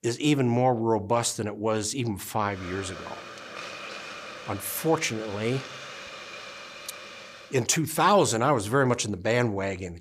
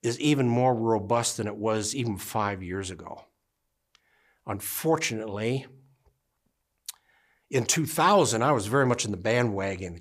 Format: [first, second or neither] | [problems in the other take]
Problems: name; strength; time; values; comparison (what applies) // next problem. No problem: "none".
second | hiss; noticeable; from 2.5 to 7.5 s; 15 dB below the speech